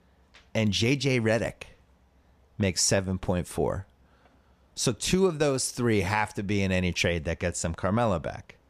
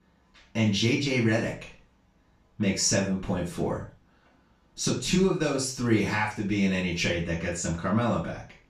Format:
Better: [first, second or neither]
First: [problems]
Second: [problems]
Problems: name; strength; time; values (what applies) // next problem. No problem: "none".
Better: first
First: none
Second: room echo; noticeable; dies away in 0.3 s // off-mic speech; far